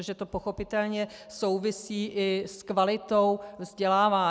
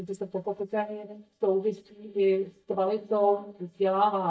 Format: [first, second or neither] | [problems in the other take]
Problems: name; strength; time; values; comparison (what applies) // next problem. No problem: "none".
first | noise reduction (neural mask model DeepFilterNet 3)